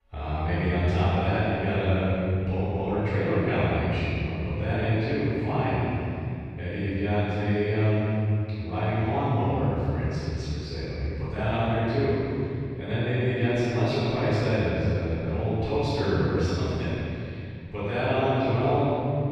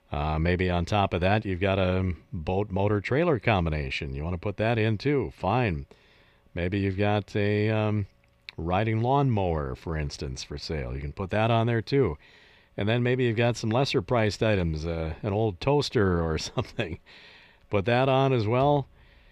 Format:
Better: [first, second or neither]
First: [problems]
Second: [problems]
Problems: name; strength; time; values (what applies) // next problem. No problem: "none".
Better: second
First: off-mic speech; far // room echo; strong; dies away in 2.7 s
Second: none